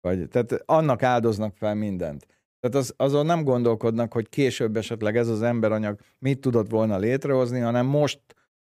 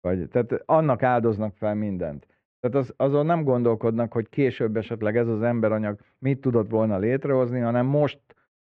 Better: first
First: none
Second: muffled; very; fading above 2.5 kHz

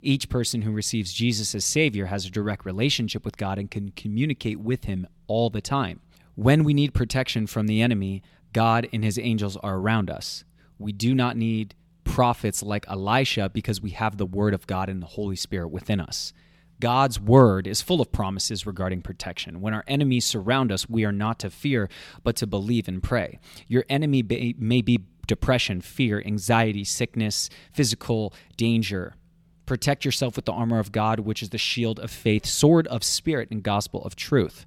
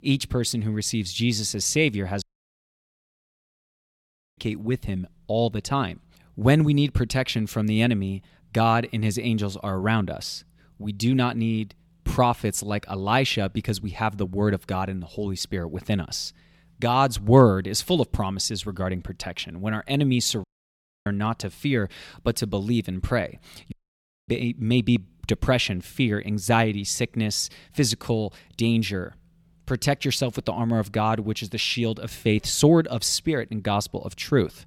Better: first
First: none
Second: audio cutting out; at 2 s for 2 s, at 20 s for 0.5 s and at 24 s for 0.5 s

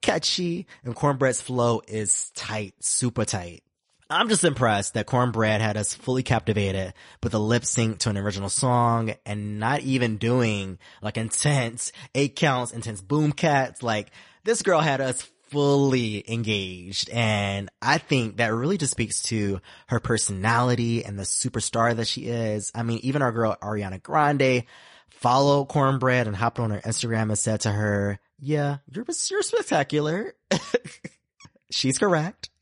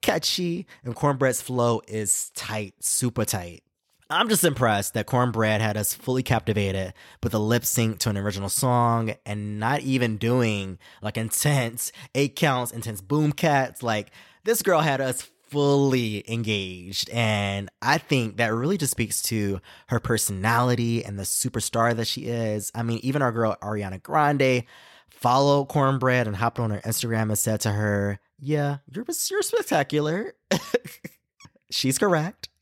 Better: second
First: garbled, watery; slightly; nothing above 10.5 kHz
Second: none

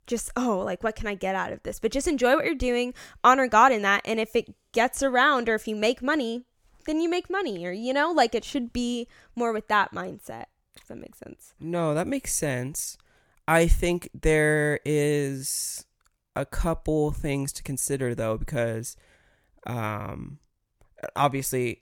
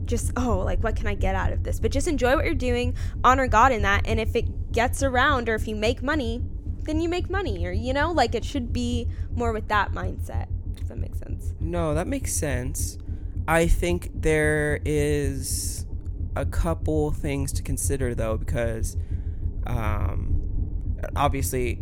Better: first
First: none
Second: low rumble; faint; throughout; 20 dB below the speech

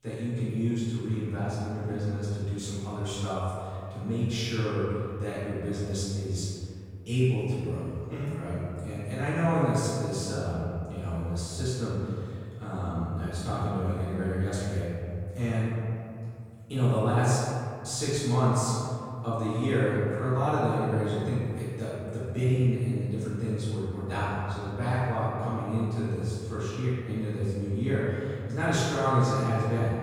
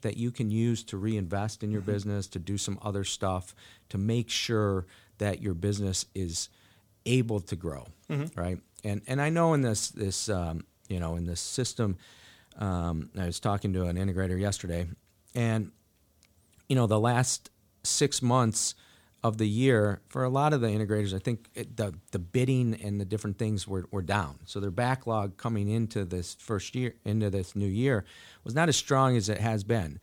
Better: second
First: room echo; strong; dies away in 2.5 s // off-mic speech; far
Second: none

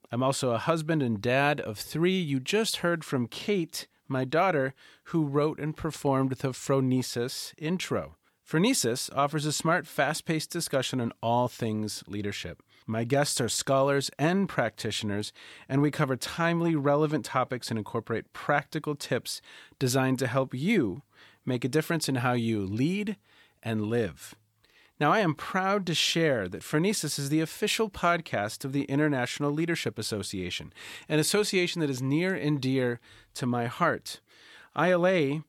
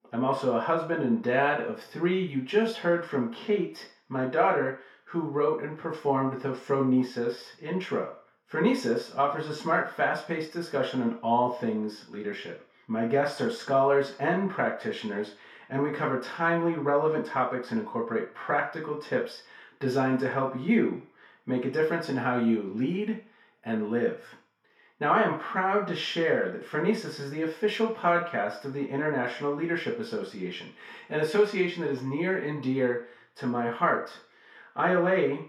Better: first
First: none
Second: room echo; slight; dies away in 0.5 s // off-mic speech; far

